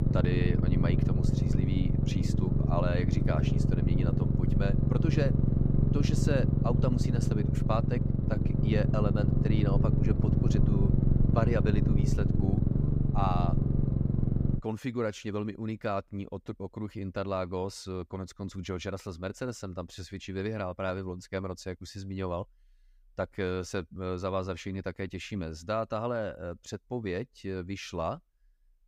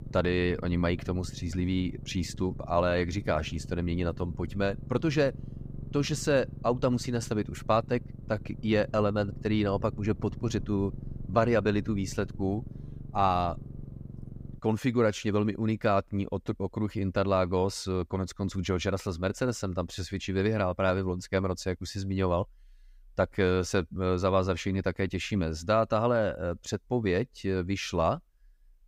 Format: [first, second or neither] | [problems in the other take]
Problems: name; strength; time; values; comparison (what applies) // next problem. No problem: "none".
second | low rumble; loud; until 15 s; 1 dB below the speech; faint in the second